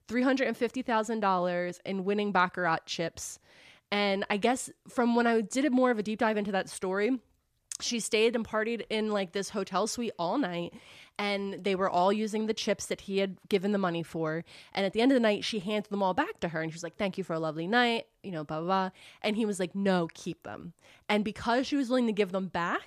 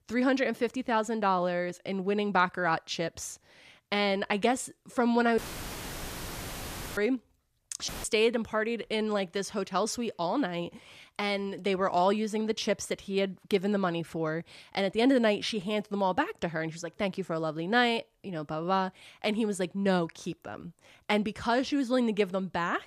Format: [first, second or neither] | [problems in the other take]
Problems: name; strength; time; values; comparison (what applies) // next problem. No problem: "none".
first | audio cutting out; filled with static; at 5.5 s for 1.5 s and at 8 s